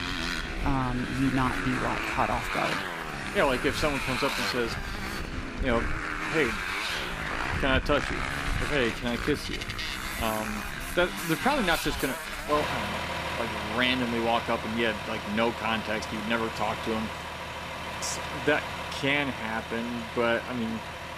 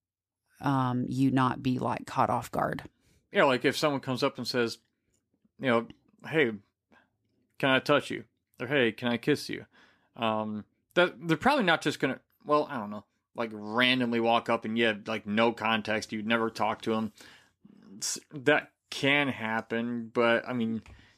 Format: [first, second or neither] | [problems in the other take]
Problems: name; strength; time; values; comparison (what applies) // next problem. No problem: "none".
second | traffic noise; loud; throughout; 3 dB below the speech